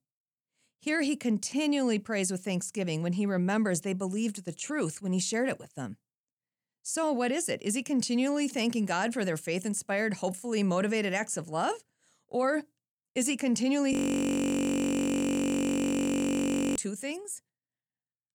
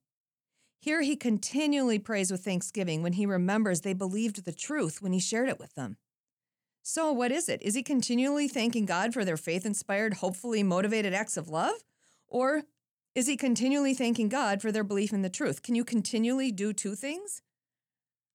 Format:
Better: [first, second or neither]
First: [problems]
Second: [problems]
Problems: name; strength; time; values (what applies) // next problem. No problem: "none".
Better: second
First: audio freezing; at 14 s for 3 s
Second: none